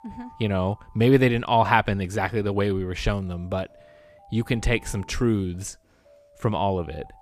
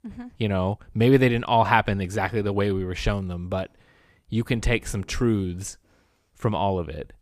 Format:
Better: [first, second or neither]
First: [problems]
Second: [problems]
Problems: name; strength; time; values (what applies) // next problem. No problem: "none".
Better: second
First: alarms or sirens; faint; throughout; 30 dB below the speech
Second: none